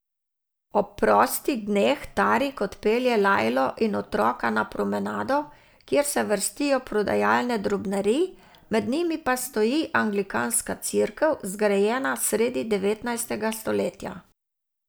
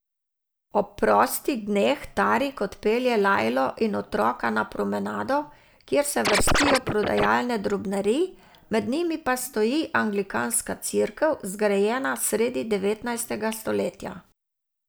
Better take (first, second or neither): first